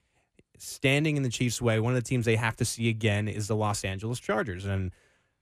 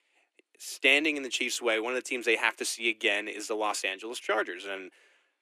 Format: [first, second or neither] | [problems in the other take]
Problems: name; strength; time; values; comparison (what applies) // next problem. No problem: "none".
first | thin; very; fading below 300 Hz